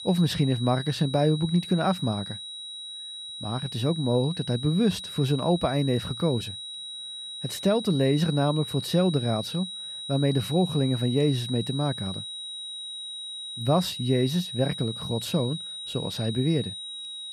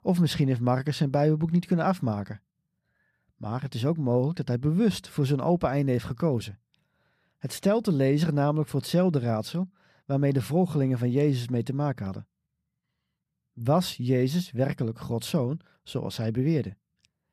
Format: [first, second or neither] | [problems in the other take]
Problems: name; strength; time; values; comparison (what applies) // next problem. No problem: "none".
second | high-pitched whine; loud; throughout; 4 kHz, 8 dB below the speech